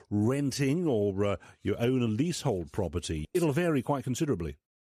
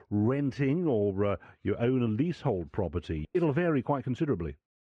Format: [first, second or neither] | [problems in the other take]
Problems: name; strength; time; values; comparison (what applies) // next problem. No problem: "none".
first | muffled; very; fading above 2 kHz